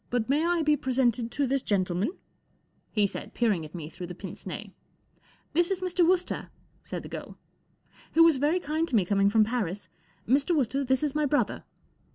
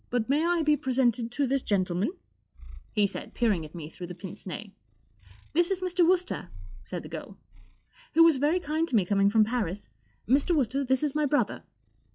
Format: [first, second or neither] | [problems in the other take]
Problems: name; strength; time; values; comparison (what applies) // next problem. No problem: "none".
first | noise reduction (classical method log-MMSE)